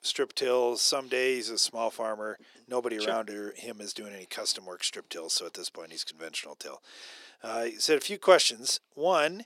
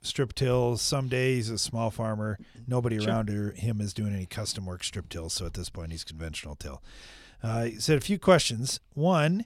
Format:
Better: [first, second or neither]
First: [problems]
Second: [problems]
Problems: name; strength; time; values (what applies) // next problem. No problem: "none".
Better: second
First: thin; very; fading below 350 Hz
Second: none